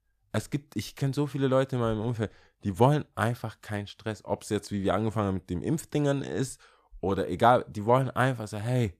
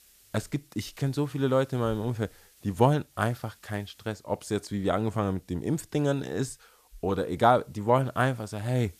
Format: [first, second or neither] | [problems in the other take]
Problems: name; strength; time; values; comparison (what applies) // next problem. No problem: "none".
first | hiss; faint; throughout; 30 dB below the speech